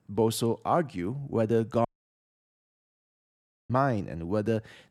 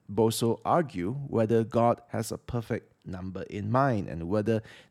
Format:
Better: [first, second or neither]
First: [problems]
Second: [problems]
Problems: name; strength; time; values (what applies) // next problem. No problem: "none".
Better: second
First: audio cutting out; at 2 s for 2 s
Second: none